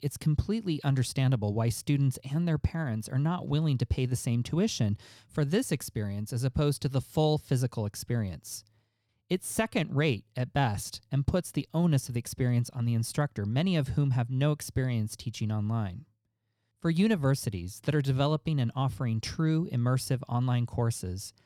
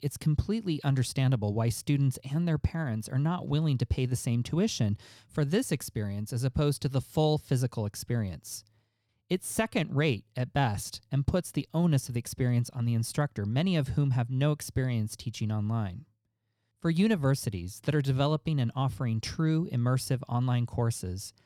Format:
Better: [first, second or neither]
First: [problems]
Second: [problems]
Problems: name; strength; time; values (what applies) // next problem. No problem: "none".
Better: neither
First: none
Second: none